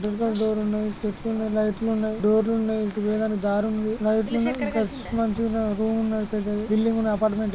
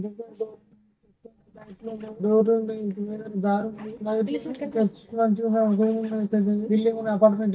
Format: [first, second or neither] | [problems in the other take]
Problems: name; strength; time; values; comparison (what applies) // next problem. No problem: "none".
first | noise reduction (neural mask model DeepFilterNet 3)